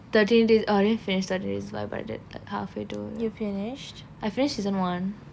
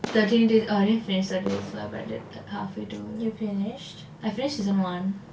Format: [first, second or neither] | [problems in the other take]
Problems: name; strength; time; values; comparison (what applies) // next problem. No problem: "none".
first | background sound (Fireworks); 16 dB below the speech // room echo; dies away in 0.2 s